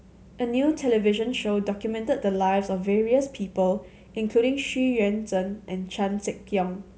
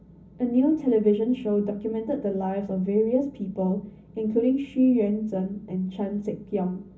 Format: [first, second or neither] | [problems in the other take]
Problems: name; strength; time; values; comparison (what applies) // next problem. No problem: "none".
first | room echo; dies away in 0.4 s